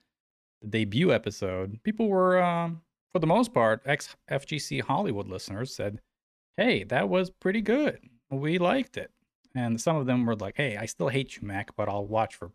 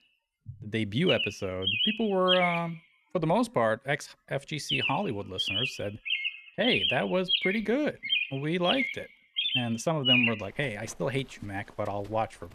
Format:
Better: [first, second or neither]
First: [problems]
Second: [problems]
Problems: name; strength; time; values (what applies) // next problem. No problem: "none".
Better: first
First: none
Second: animal sounds; very loud; throughout; 1 dB above the speech